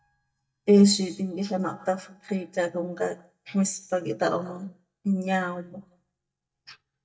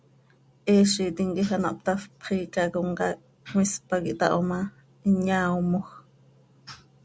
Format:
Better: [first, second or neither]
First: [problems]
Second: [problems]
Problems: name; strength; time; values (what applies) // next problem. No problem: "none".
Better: second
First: noise reduction (neural mask model DeepFilterNet 3)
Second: none